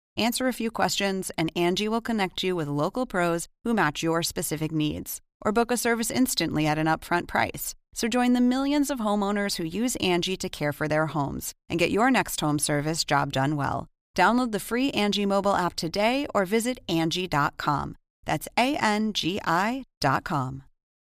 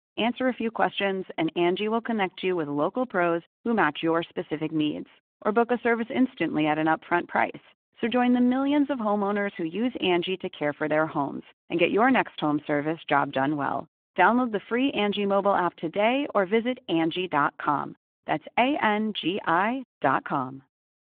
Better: first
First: none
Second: phone-call audio

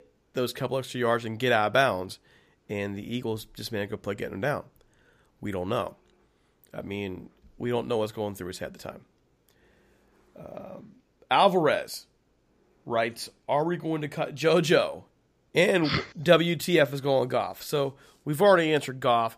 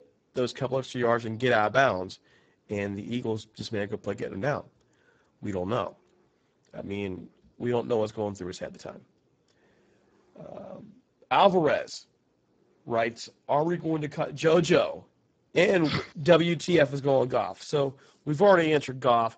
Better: first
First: none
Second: garbled, watery; badly; nothing above 7.5 kHz

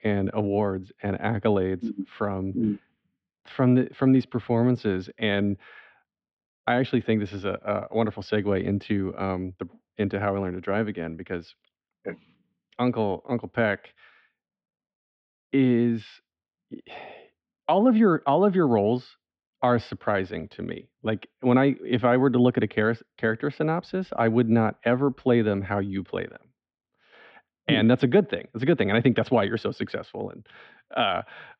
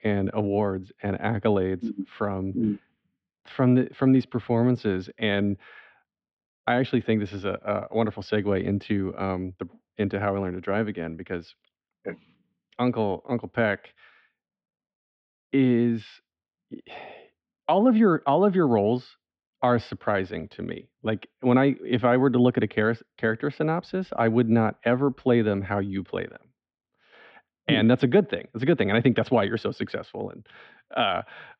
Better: neither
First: muffled; slightly; fading above 3.5 kHz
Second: muffled; slightly; fading above 3.5 kHz

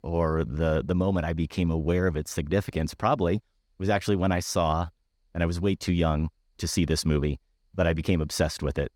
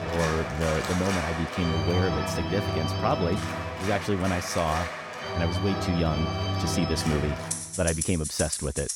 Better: first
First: none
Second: background music; loud; throughout; 2 dB below the speech

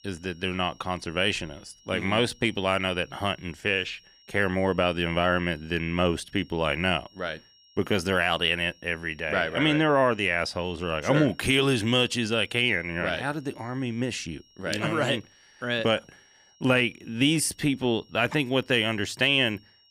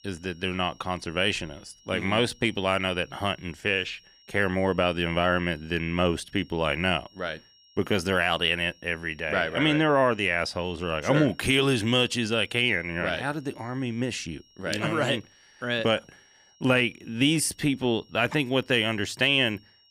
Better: neither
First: high-pitched whine; faint; throughout; 5.5 kHz, 30 dB below the speech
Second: high-pitched whine; faint; throughout; 5.5 kHz, 30 dB below the speech

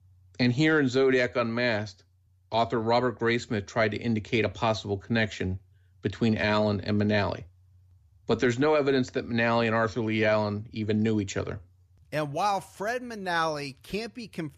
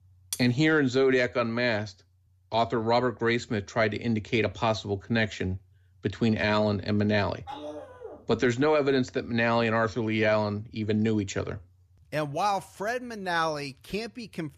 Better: first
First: none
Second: clattering dishes; noticeable; at 0.5 s; peak 10 dB below the speech // dog barking; faint; at 7.5 s; peak 10 dB below the speech

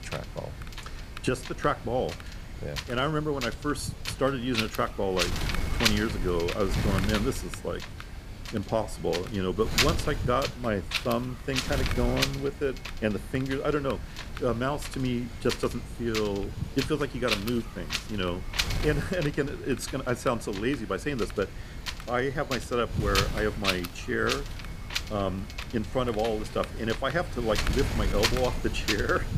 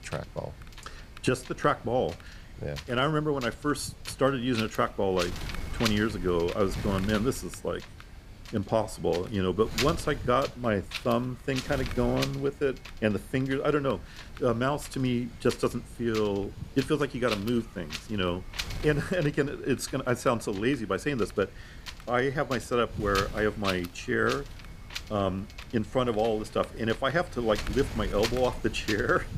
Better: second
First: wind noise on the microphone; heavy; 3 dB below the speech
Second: wind noise on the microphone; occasional gusts; 10 dB below the speech

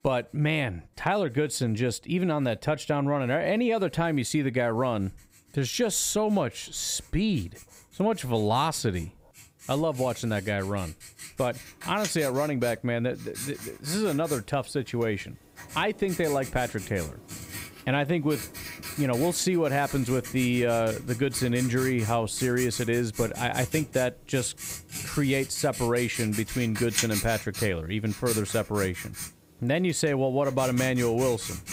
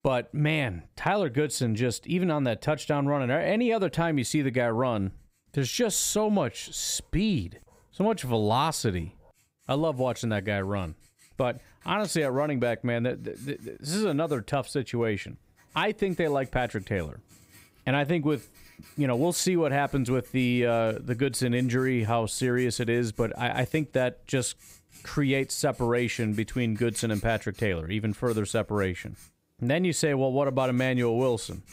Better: second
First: household noises; loud; throughout; 10 dB below the speech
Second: household noises; faint; throughout; 25 dB below the speech

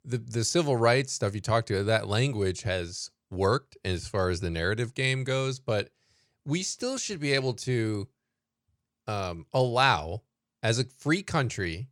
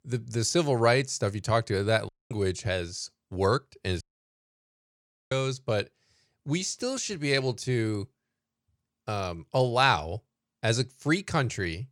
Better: first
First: none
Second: audio cutting out; at 2 s and at 4 s for 1.5 s

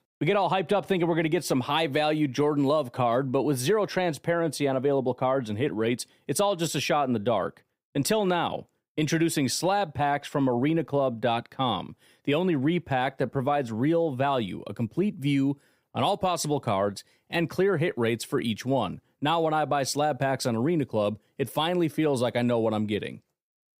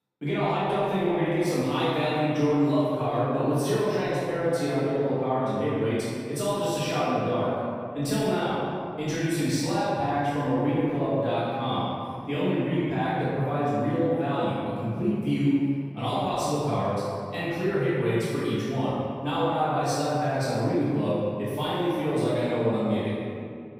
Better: first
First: none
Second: off-mic speech; far // room echo; strong; dies away in 2.1 s

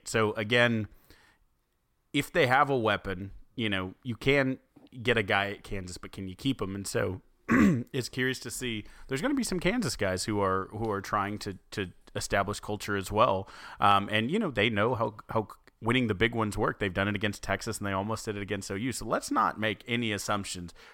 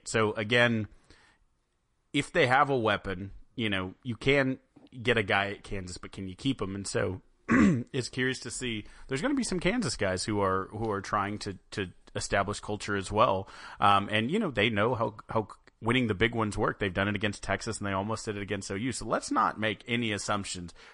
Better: first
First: none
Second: garbled, watery; slightly; nothing above 10 kHz

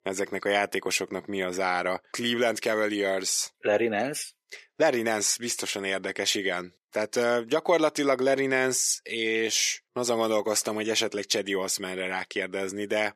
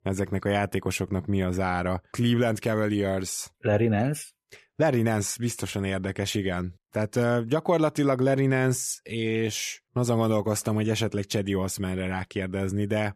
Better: second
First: thin; somewhat; fading below 400 Hz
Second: none

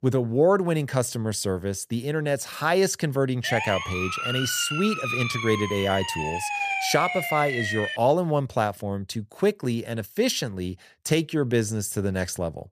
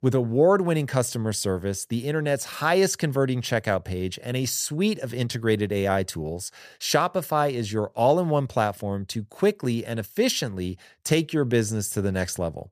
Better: second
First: siren; noticeable; from 3.5 to 8 s; peak level with the speech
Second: none

